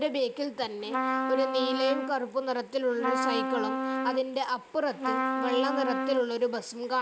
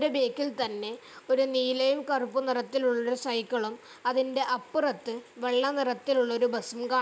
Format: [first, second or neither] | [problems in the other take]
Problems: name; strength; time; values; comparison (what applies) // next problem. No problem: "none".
second | background sound (Trumpet); 2 dB below the speech